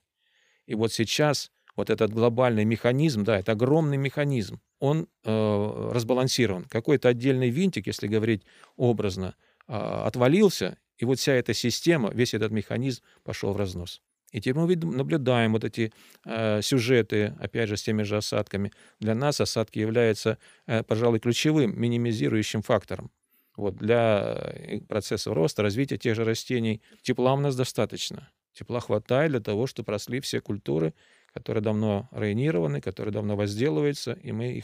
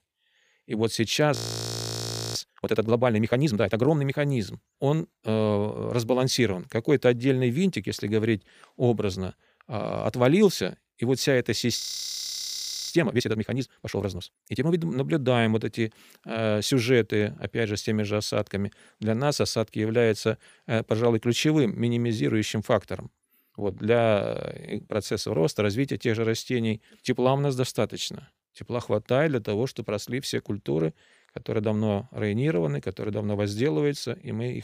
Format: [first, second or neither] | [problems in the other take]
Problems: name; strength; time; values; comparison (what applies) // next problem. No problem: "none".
first | audio freezing; at 1.5 s for 1 s and at 12 s for 1 s